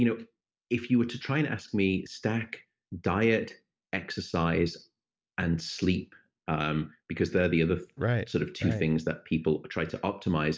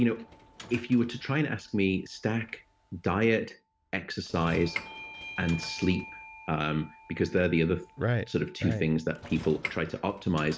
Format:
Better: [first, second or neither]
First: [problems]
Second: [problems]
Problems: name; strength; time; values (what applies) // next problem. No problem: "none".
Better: first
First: none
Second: background sound (Sliding door / Train + Bell / Doorbell); 16 dB below the speech